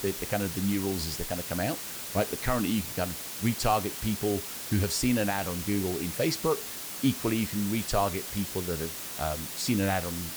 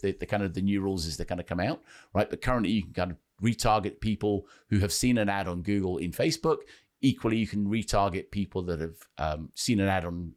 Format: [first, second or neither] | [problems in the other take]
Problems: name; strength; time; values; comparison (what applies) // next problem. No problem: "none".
second | hiss; loud; throughout; 4 dB below the speech